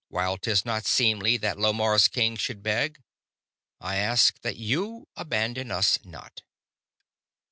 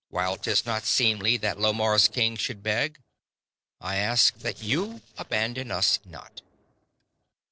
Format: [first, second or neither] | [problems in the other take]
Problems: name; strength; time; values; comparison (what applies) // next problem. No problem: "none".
first | noise reduction (neural separator model SepFormer DNS4)